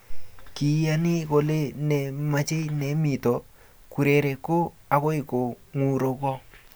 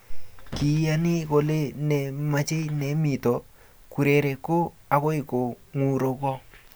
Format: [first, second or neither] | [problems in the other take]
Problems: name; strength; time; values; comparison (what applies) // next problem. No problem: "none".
first | background sound (Gunshot, gunfire); 20 dB below the speech